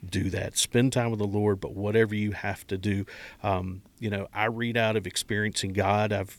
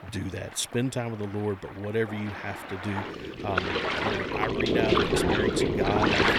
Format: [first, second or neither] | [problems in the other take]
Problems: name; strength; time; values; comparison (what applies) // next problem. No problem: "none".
first | rain or running water; very loud; throughout; 5 dB above the speech